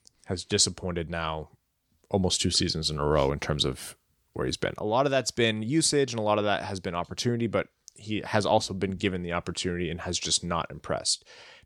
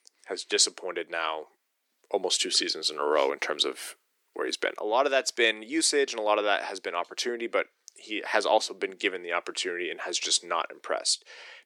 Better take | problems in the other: first | thin; very; fading below 300 Hz

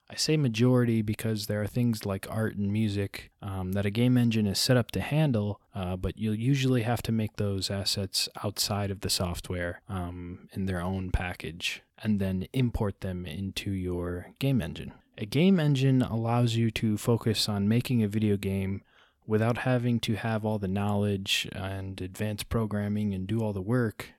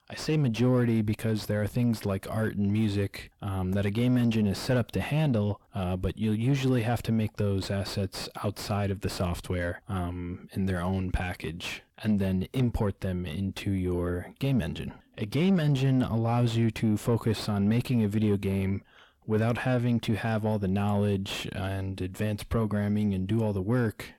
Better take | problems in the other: first | distortion; slight; 10 dB below the speech

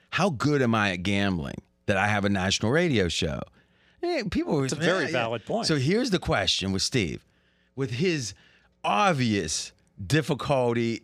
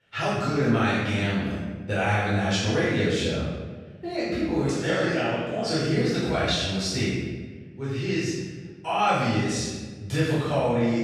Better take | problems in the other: first | off-mic speech; far // room echo; strong; dies away in 1.2 s

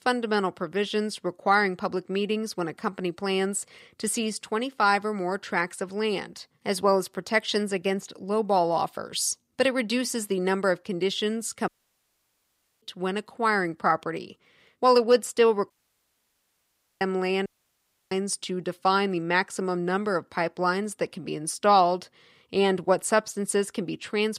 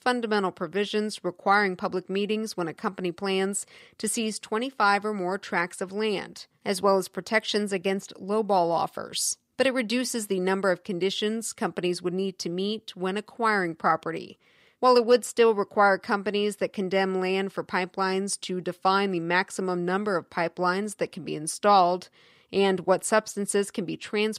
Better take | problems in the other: second | audio cutting out; at 12 s for 1 s, at 16 s for 1.5 s and at 17 s for 0.5 s

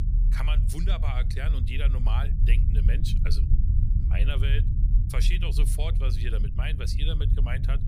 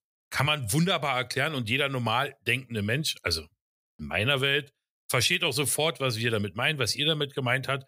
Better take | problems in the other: second | low rumble; loud; throughout; 7 dB below the speech

